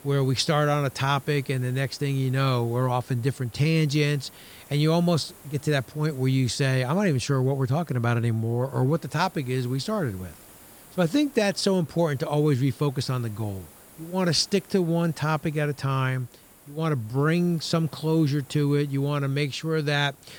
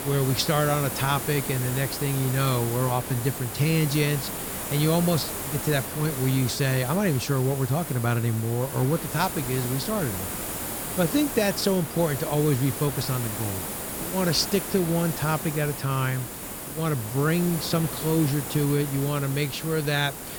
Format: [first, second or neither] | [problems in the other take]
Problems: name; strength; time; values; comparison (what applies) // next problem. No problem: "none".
first | hiss; loud; throughout; 6 dB below the speech; faint in the first